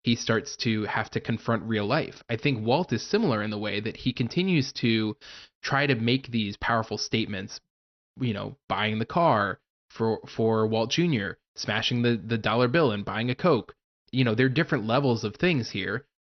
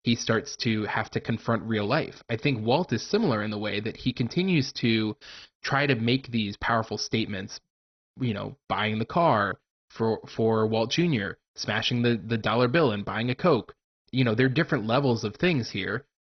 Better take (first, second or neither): first